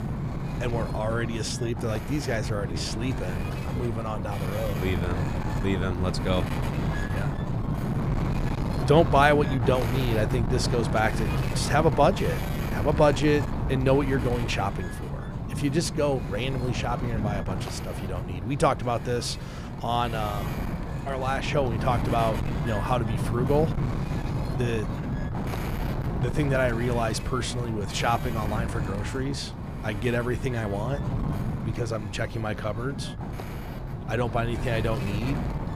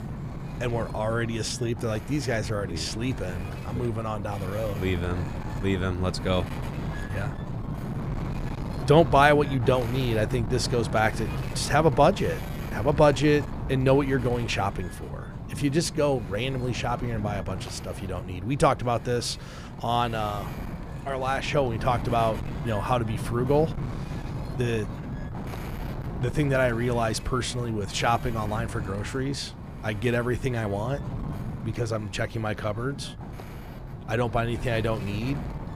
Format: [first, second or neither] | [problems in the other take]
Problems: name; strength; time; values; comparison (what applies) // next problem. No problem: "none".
second | wind noise on the microphone; heavy; 8 dB below the speech; occasional gusts in the second